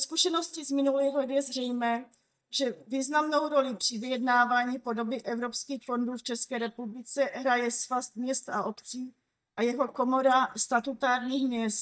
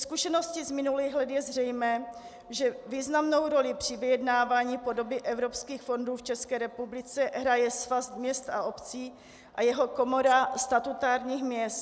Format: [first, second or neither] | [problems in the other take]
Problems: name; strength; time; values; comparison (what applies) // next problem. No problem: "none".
second | noise reduction (neural mask model DeepFilterNet 3)